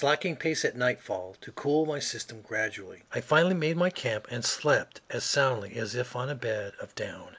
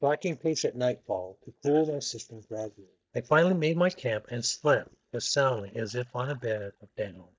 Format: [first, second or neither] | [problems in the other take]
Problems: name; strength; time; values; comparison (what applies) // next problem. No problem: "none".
first | noise reduction (neural mask model DeepFilterNet 3)